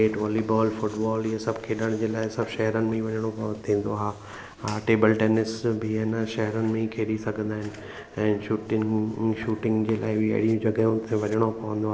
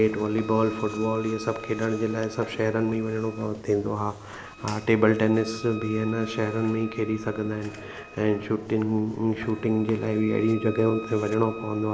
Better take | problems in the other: first | background sound (Wind instrument, woodwind instrument); 19 dB below the speech

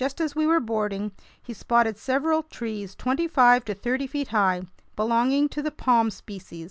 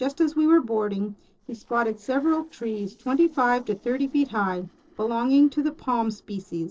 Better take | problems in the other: first | noise reduction (neural separator model SepFormer DNS4)

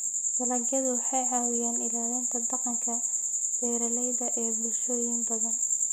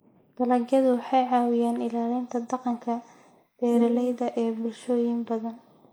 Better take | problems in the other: first | noise reduction (neural mask model Resemble Enhance denoiser)

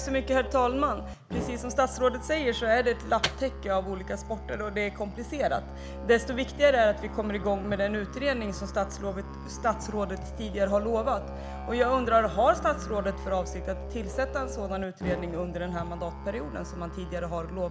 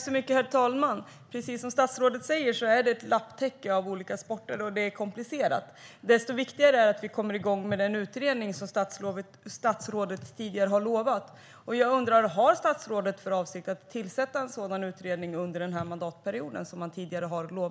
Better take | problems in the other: second | background sound (Microwave oven + Musical instrument); 8 dB below the speech

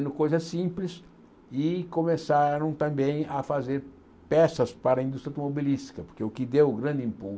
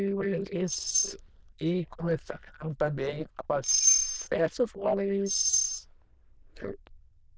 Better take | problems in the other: first | noise reduction (neural diffusion model UNIVERSE++)

